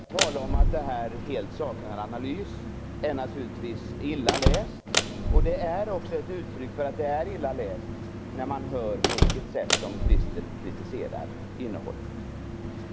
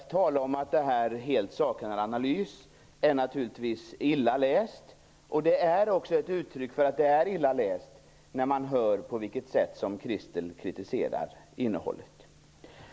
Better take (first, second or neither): second